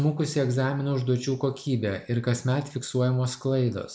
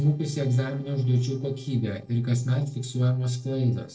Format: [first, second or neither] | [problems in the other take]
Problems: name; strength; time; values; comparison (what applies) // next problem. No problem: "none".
first | noise reduction (neural separator model SepFormer DNS4)